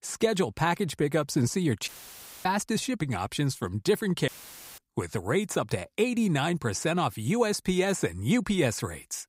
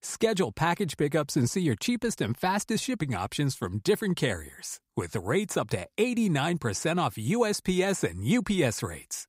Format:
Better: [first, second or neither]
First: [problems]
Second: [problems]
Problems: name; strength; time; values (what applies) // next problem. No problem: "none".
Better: second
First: audio cutting out; filled with static; at 2 s for 0.5 s and at 4.5 s for 0.5 s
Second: none